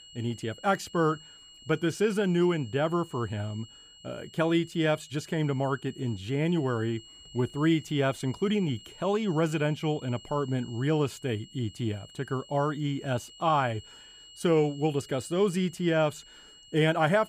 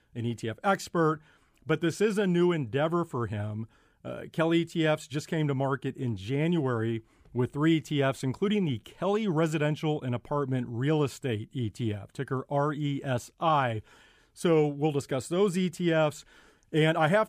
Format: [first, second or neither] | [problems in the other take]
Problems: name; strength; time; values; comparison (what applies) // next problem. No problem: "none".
second | high-pitched whine; faint; throughout; 3 kHz, 20 dB below the speech